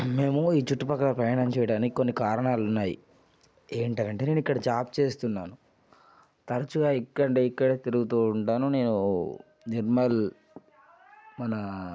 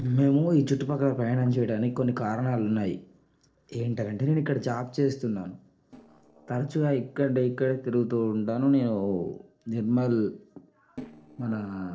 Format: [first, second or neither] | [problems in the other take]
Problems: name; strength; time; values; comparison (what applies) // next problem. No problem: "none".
first | noise reduction (neural separator model SepFormer DNS4)